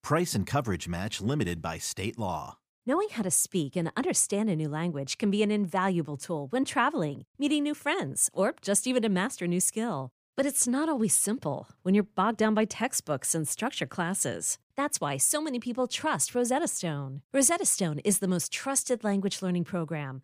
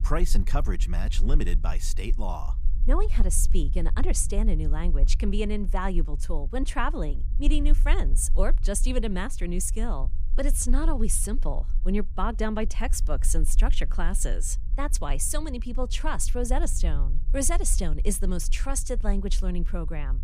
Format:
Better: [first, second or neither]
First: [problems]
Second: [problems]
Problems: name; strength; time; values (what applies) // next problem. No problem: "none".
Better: first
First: none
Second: low rumble; faint; throughout; 20 dB below the speech